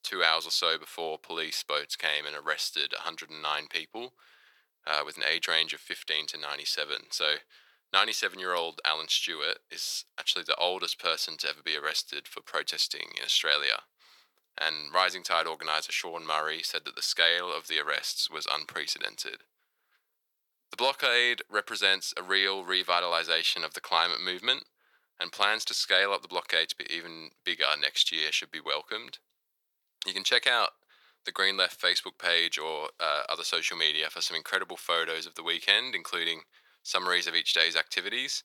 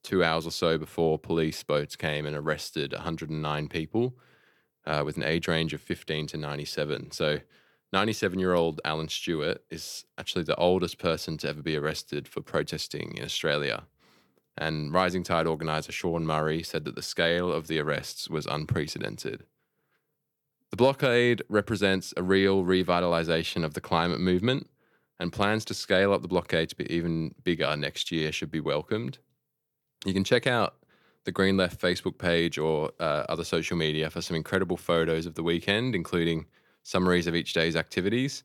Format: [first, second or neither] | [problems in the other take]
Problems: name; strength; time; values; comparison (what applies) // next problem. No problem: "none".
second | thin; very; fading below 950 Hz